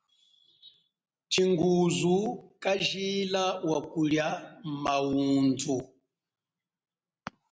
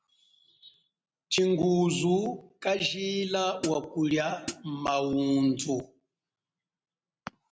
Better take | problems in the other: first | background sound (Hi-hat); 10 dB below the speech

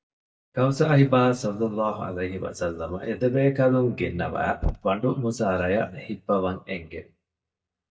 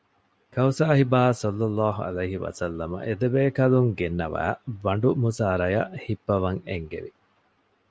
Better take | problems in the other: second | noise reduction (neural mask model DeepFilterNet 3)

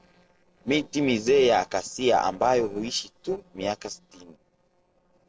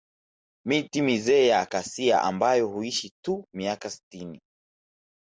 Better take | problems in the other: second | noise reduction (neural separator model SepFormer DNS4)

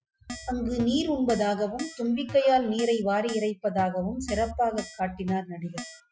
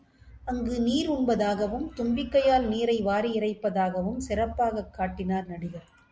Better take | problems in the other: second | noise reduction (classical method Wiener filter)

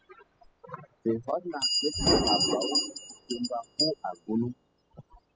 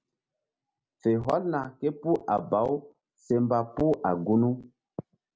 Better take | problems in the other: second | noise reduction (classical method spectral subtraction)

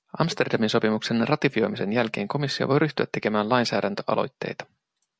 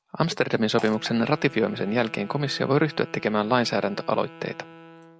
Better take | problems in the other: first | background sound (Wind instrument, woodwind instrument + Fart); 19 dB below the speech

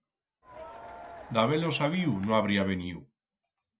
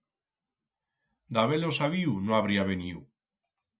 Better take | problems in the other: second | background sound (Crowd); 16 dB below the speech

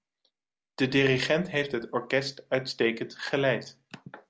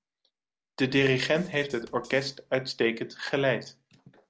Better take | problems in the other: first | noise reduction (neural separator model SepFormer DNS4)

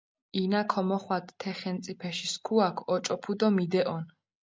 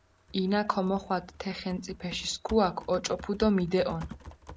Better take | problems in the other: first | background sound (Typing); 17 dB below the speech

